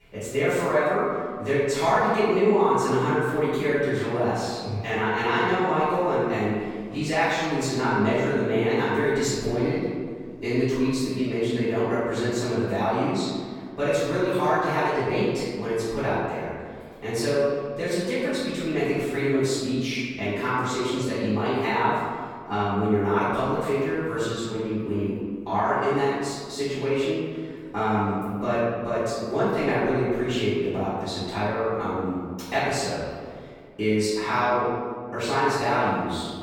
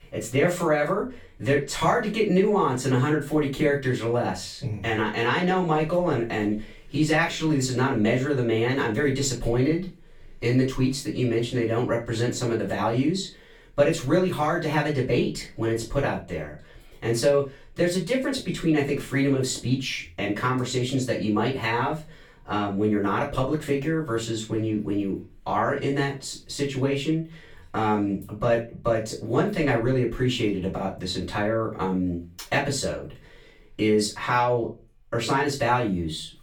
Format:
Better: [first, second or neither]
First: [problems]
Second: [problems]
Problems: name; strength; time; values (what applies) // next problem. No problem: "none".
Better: second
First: room echo; strong; dies away in 1.7 s // off-mic speech; far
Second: room echo; slight; dies away in 0.3 s // off-mic speech; far